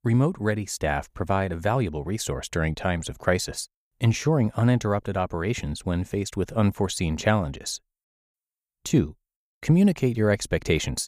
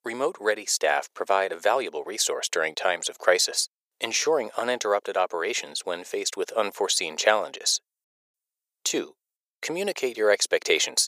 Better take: first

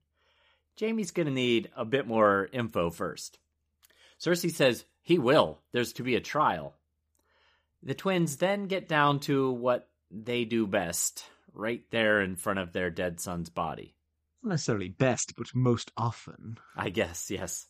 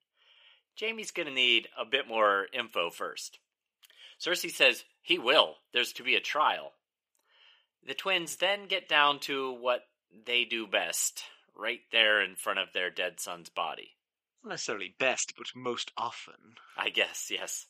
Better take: first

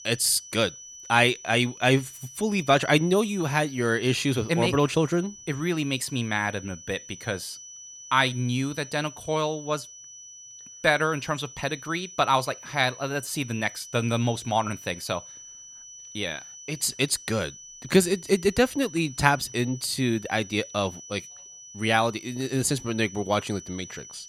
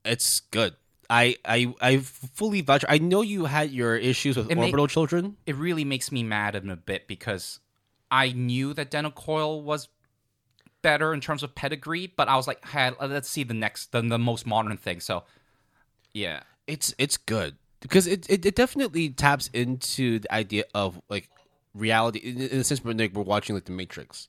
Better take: second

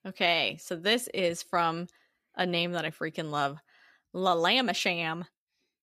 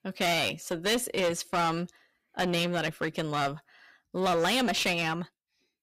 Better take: first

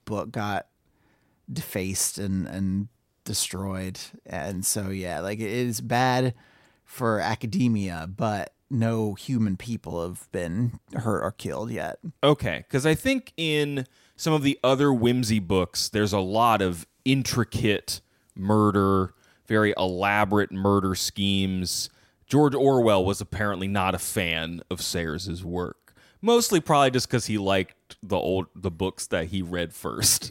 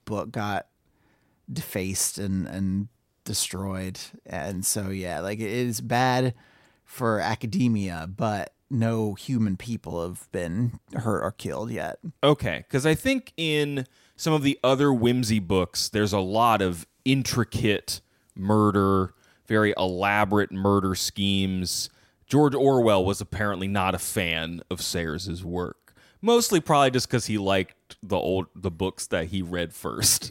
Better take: neither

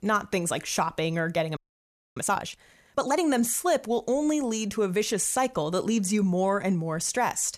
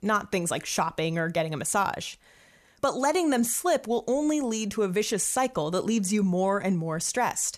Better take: second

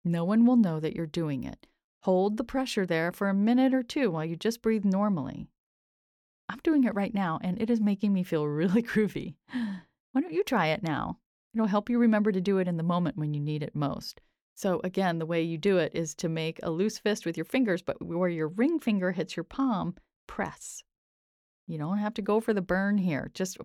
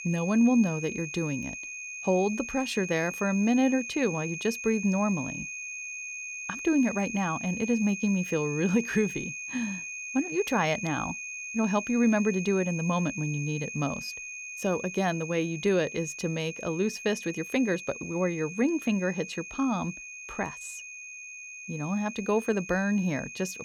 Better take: first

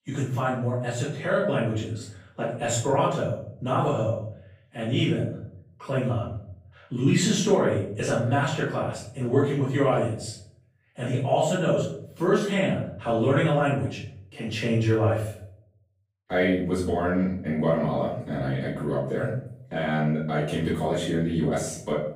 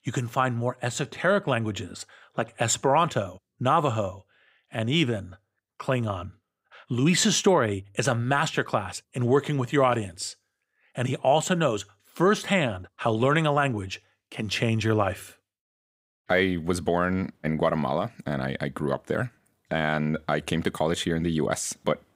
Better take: second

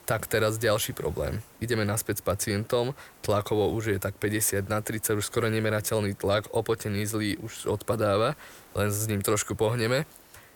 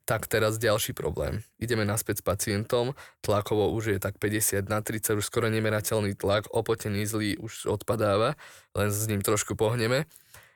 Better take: second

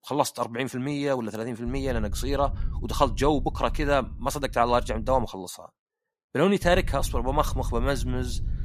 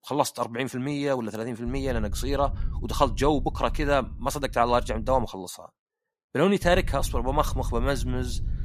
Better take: neither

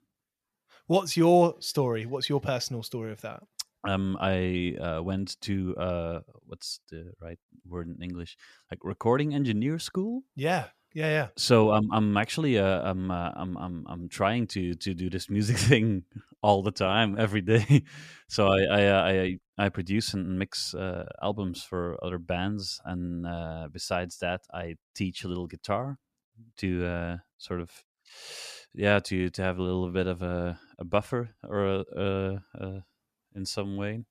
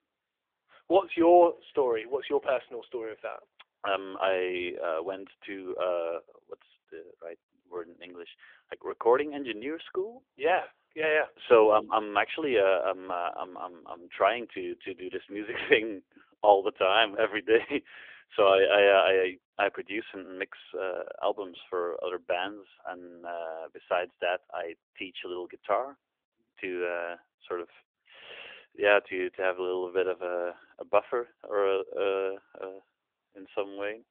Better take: first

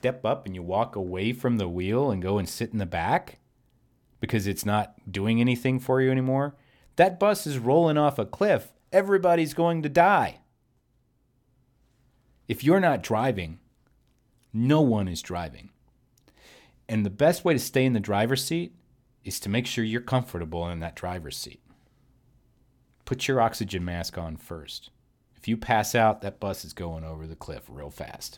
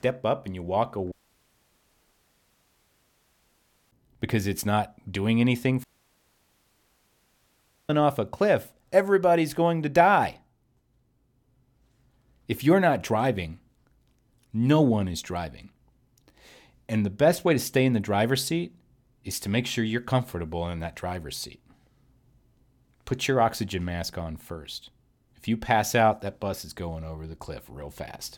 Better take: first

